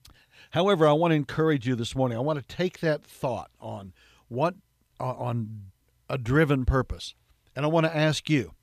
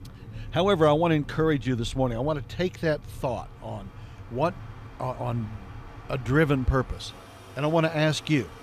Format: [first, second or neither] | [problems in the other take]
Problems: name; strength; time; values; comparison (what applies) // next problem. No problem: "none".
first | train or aircraft noise; noticeable; throughout; 15 dB below the speech